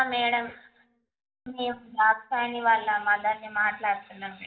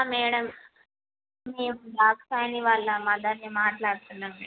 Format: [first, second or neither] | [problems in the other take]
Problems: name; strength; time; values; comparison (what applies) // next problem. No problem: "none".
second | room echo; dies away in 0.4 s